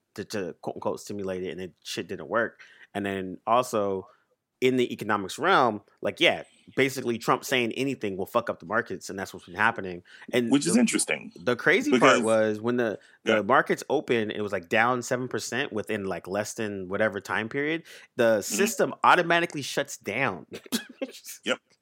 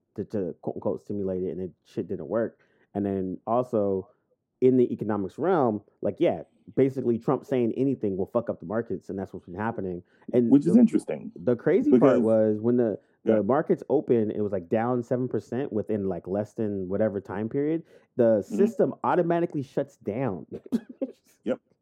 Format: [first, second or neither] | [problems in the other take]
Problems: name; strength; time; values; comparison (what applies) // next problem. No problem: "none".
first | muffled; very; fading above 1 kHz